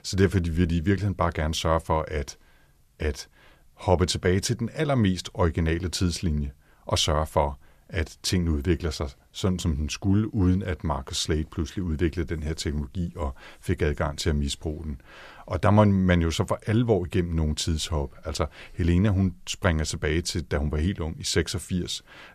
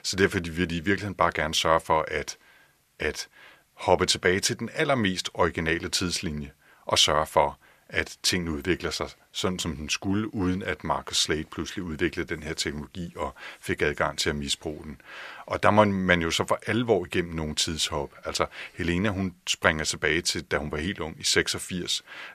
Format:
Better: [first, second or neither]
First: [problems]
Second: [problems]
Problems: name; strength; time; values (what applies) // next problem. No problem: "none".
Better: first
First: none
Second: thin; somewhat; fading below 800 Hz